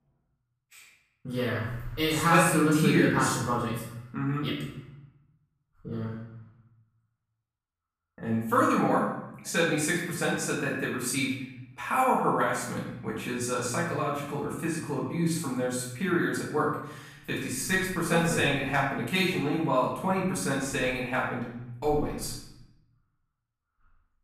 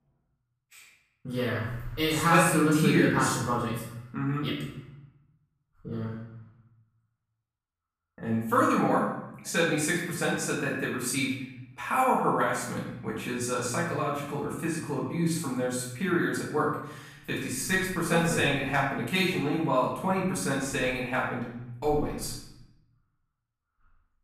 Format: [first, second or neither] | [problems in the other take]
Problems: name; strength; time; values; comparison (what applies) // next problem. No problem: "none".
neither | off-mic speech; far; the same in both // room echo; noticeable; dies away in 0.8 s; the same in both